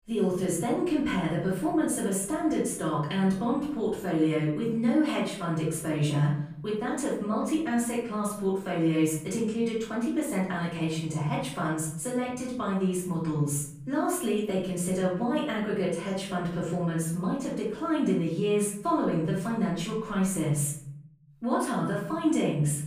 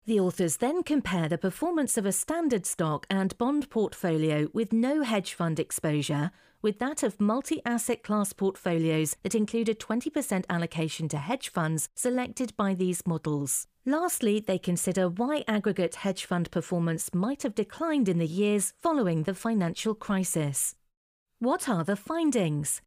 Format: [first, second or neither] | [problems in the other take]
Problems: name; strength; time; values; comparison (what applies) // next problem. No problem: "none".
second | off-mic speech; far // room echo; noticeable; dies away in 0.7 s